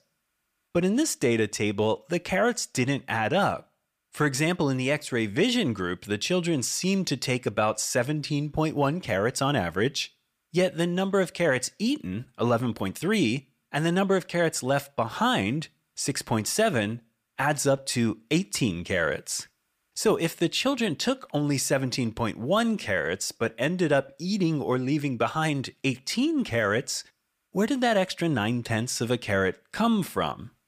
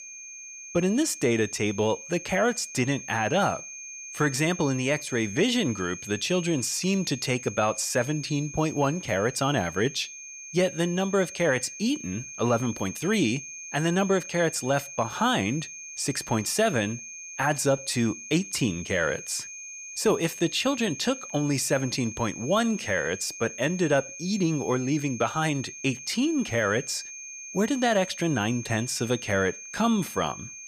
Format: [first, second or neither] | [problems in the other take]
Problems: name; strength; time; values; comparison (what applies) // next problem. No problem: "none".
first | high-pitched whine; noticeable; throughout; 6.5 kHz, 10 dB below the speech